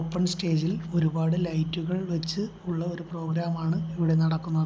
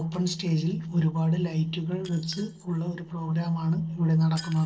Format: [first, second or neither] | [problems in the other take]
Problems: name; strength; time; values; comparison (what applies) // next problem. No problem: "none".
first | noise reduction (neural separator model SepFormer DNS4)